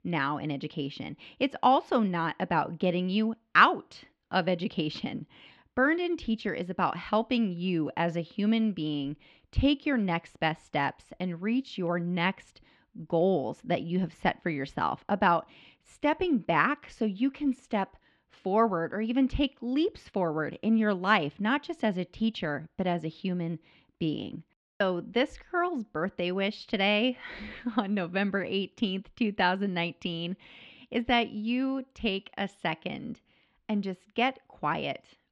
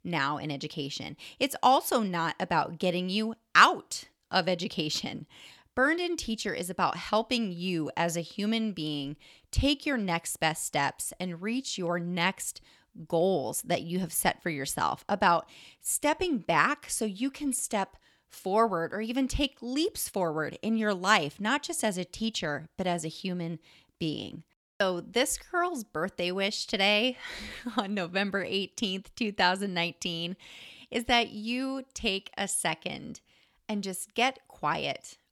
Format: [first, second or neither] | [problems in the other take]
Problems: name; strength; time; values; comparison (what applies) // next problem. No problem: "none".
second | muffled; slightly; fading above 3 kHz